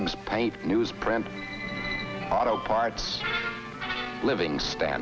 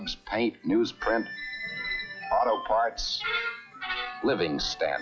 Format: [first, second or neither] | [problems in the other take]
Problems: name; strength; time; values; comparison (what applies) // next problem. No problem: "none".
first | noise reduction (classical method log-MMSE)